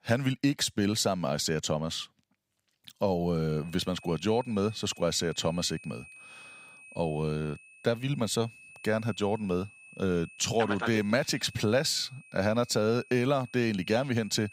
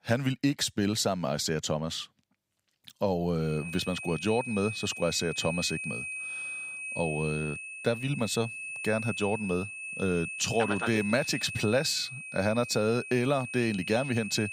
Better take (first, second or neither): first